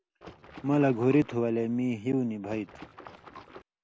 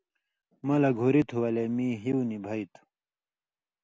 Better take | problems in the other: second | background sound (Water / Splash, splatter); 18 dB below the speech

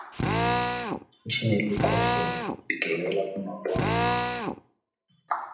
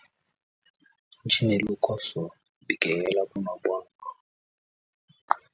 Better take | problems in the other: second | background sound (Drill); 3 dB above the speech // room echo; dies away in 0.7 s

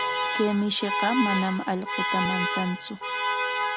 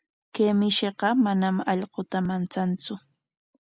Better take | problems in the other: second | background sound (Alarm); as loud as the speech

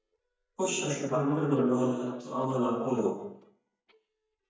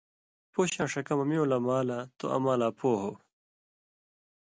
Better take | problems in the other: second | noise reduction (neural mask model DeepFilterNet 3)

